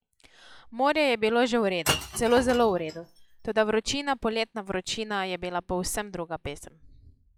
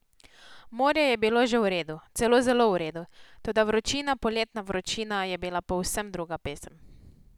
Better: second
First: noise reduction (classical method log-MMSE)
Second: none

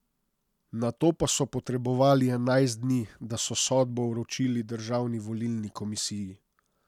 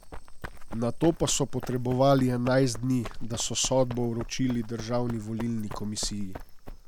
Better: first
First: none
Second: background sound (Run); 9 dB below the speech

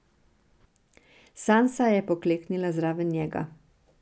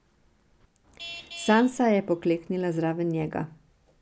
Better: first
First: none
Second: background sound (Traffic noise, roadway noise / Vehicle horn, car horn, honking); 16 dB below the speech

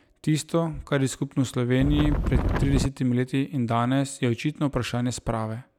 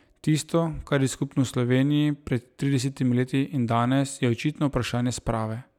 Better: second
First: background sound (Wind); 2 dB above the speech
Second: none

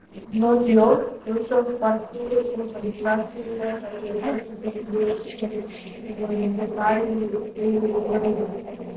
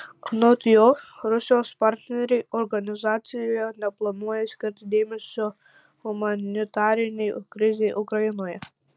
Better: second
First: noise reduction (neural separator model SepFormer DNS4)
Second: none

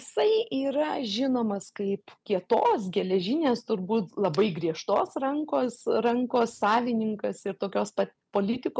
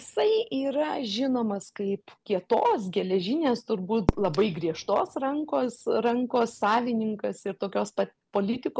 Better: first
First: none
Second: background sound (Fireworks); 14 dB below the speech

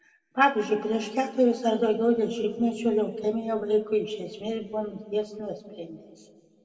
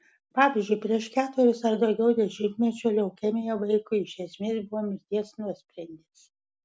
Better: second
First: room echo; dies away in 2 s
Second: none

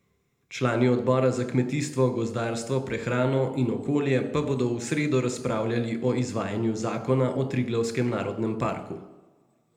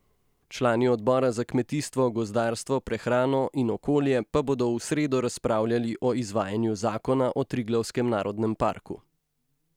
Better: second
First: room echo; dies away in 0.7 s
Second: none

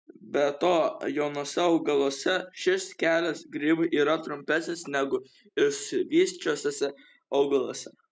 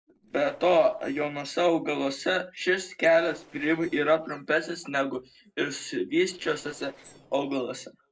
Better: first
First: none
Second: noise reduction (neural separator model SepFormer DNS4)

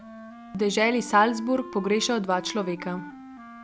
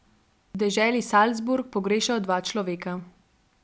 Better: second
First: background sound (Wind instrument, woodwind instrument); 16 dB below the speech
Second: none

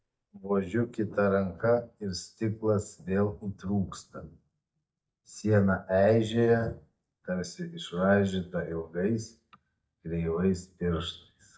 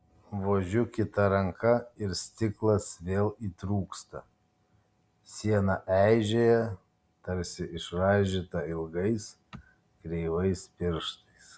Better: second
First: noise reduction (neural mask model DeepFilterNet 3)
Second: none

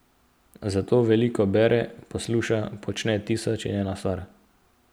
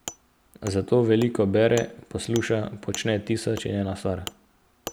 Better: first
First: none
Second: background sound (Wood); 17 dB below the speech

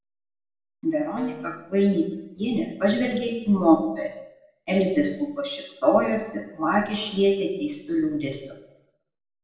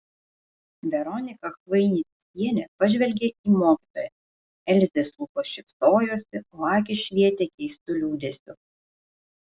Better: second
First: background sound (Wind instrument, woodwind instrument); 17 dB below the speech // room echo; dies away in 0.8 s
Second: none

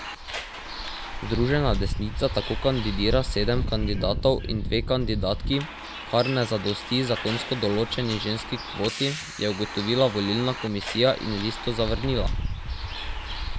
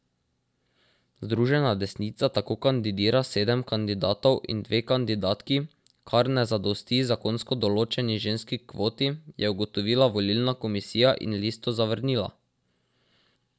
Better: second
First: background sound (Bus); 4 dB below the speech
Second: none

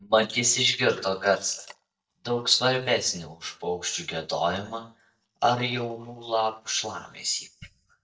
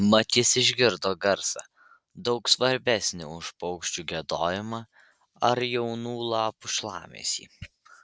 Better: second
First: noise reduction (neural mask model DeepFilterNet 3)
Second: none

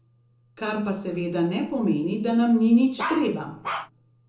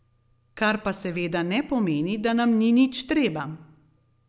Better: second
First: background sound (Bark); 8 dB below the speech // room echo; dies away in 0.6 s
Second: none

